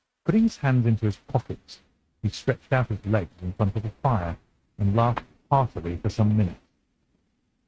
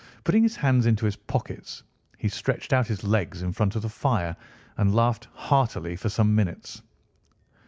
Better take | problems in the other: second | noise reduction (neural mask model RNNoise)

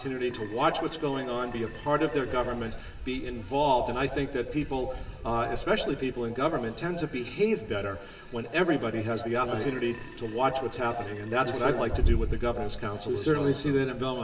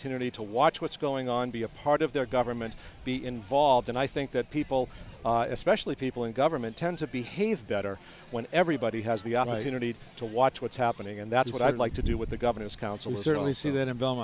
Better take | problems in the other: second | background sound (Burping, eructation); 19 dB below the speech // room echo; dies away in 1 s

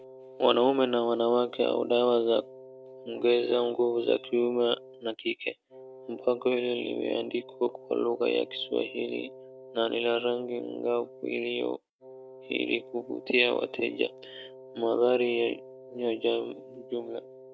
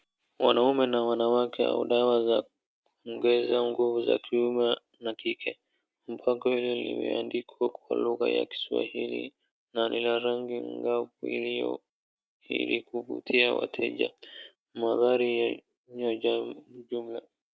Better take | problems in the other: second | background sound (Wind instrument, woodwind instrument); 19 dB below the speech

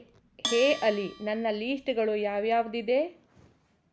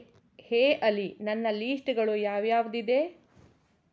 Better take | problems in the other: second | background sound (Bell); 13 dB below the speech

